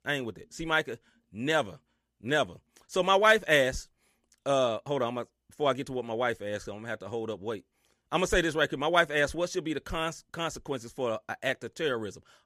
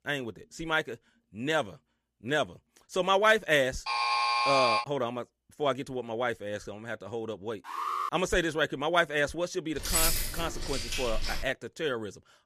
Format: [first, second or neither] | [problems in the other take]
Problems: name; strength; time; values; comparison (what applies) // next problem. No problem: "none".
first | alarm; loud; at 4 s; peak 5 dB above the speech // alarm; noticeable; at 7.5 s; peak 2 dB below the speech // jangling keys; loud; from 10 to 11 s; peak 5 dB above the speech